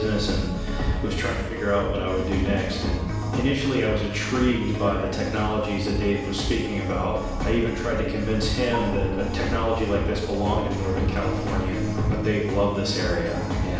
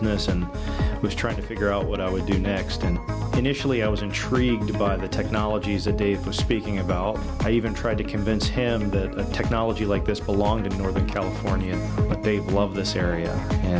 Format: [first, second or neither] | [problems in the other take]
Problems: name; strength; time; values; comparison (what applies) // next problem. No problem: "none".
second | background sound (Gong); 14 dB below the speech // room echo; dies away in 0.9 s